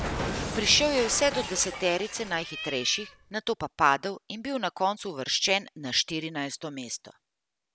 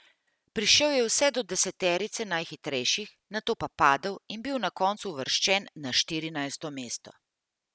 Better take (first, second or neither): second